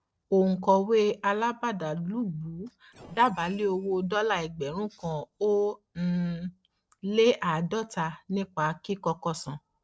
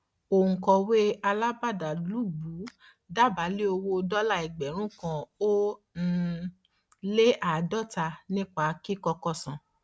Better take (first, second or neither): second